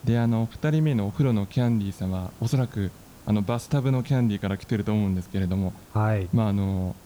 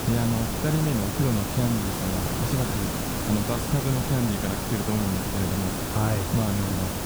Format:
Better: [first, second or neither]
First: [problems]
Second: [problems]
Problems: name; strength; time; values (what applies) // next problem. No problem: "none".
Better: first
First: hiss; faint; throughout; 25 dB below the speech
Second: hiss; loud; throughout; 1 dB below the speech